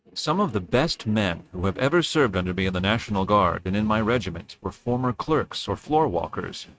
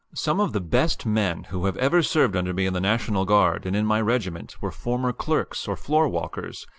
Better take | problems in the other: second | noise reduction (neural mask model RNNoise)

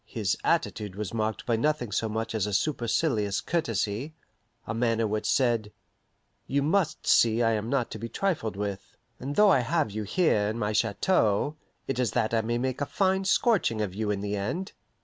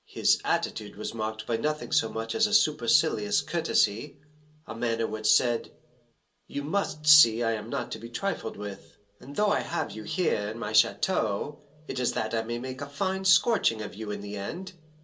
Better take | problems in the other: first | room echo; dies away in 0.2 s

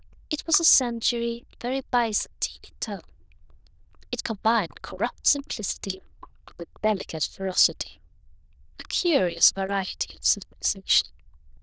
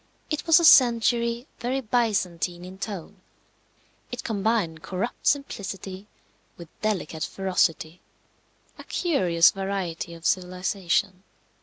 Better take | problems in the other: second | noise reduction (neural diffusion model UNIVERSE++)

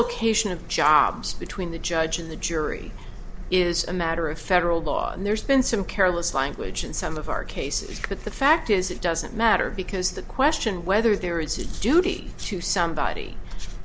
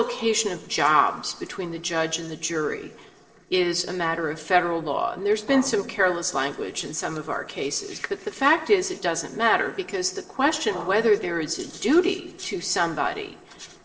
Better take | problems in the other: first | noise reduction (neural separator model SepFormer DNS4)

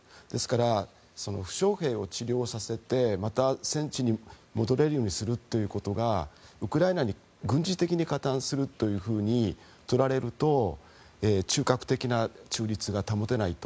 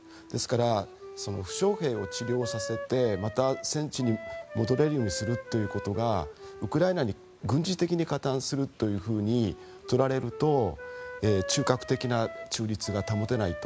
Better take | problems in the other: first | background sound (Wind instrument, woodwind instrument); 13 dB below the speech

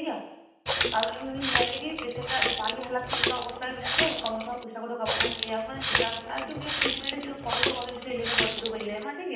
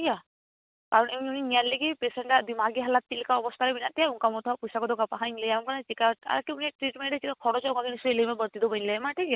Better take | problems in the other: second | background sound (Water tap, faucet); 3 dB above the speech // room echo; dies away in 0.8 s

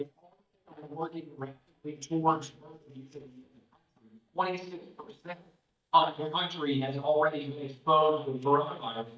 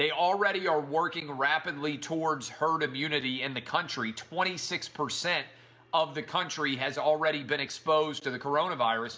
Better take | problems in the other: second | noise reduction (neural mask model DeepFilterNet 3)

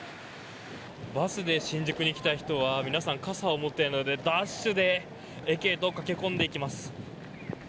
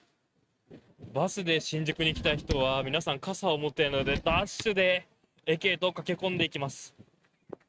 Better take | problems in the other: first | noise reduction (neural mask model RNNoise)

